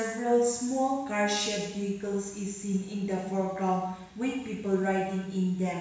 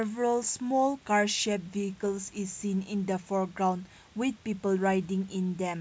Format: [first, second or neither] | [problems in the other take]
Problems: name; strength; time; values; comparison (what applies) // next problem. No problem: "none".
second | room echo; dies away in 0.9 s